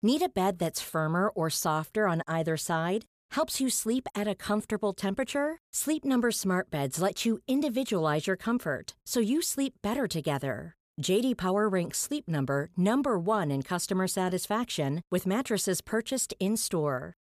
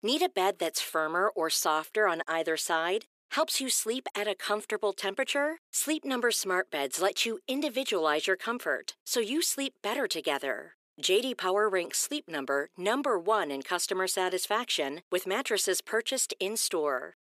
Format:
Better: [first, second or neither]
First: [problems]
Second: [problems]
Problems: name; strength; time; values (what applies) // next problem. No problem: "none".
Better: first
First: none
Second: thin; somewhat; fading below 350 Hz